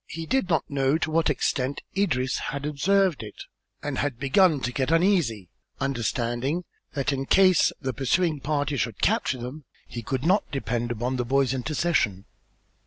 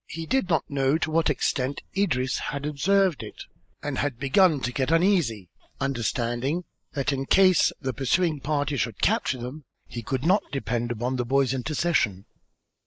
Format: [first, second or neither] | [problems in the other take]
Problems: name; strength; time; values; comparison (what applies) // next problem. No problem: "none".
first | noise reduction (neural mask model Resemble Enhance denoiser)